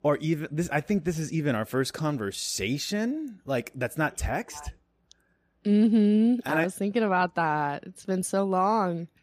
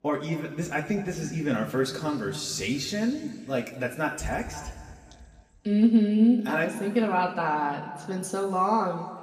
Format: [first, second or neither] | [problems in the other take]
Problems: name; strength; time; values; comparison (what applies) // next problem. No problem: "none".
first | room echo; slight; dies away in 1.9 s // off-mic speech; somewhat distant